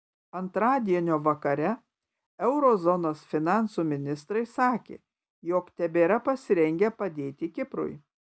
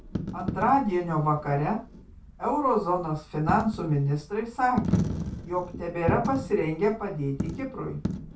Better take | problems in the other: first | background sound (Coin (dropping)); 6 dB below the speech // room echo; dies away in 0.2 s

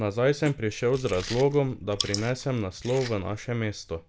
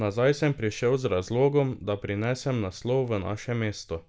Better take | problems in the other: second | noise reduction (neural mask model Resemble Enhance denoiser)

